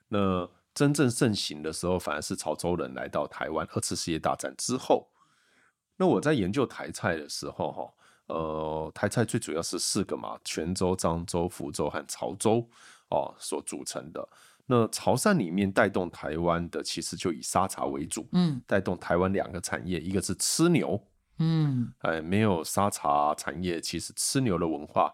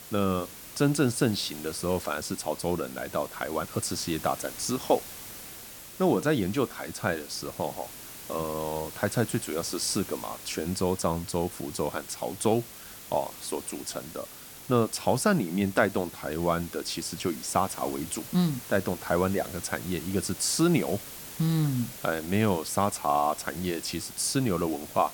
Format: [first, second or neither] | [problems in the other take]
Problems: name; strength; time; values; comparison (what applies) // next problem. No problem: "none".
first | hiss; noticeable; throughout; 10 dB below the speech